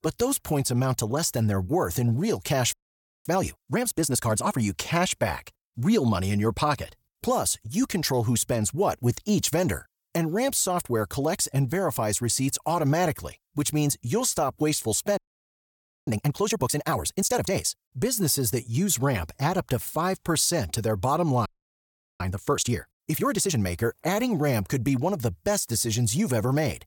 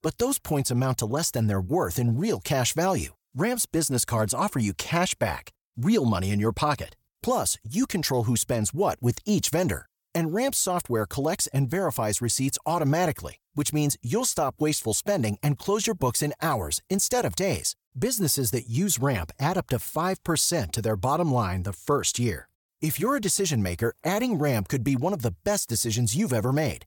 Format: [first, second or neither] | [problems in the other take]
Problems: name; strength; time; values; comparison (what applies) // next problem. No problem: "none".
second | audio freezing; at 2.5 s for 0.5 s, at 15 s for 1 s and at 21 s for 0.5 s